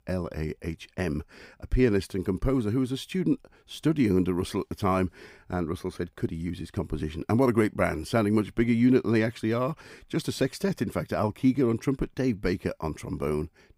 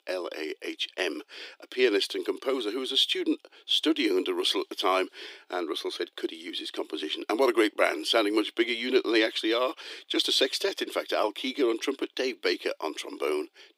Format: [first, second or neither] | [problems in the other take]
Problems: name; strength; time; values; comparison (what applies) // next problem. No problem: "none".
first | thin; very; fading below 300 Hz